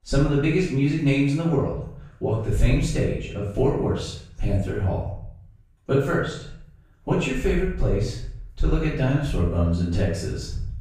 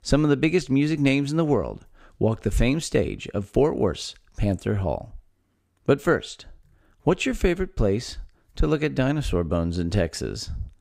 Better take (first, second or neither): second